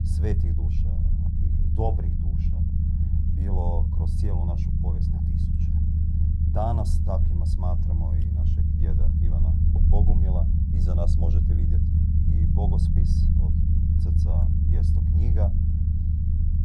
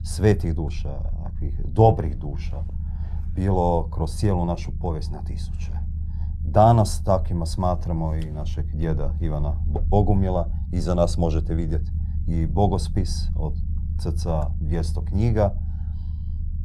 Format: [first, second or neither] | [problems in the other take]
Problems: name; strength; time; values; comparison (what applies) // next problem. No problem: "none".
second | low rumble; loud; throughout; 1 dB below the speech; faint in the second